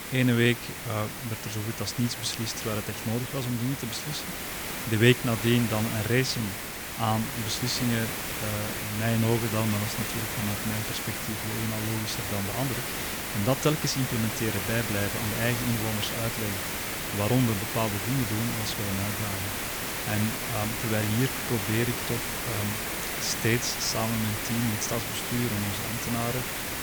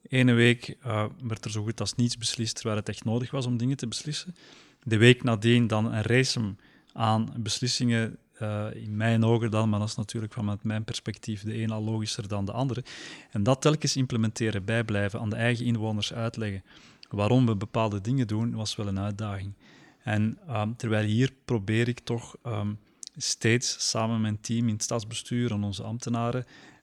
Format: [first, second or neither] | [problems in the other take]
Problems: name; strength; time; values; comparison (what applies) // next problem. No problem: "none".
second | hiss; loud; throughout; 2 dB below the speech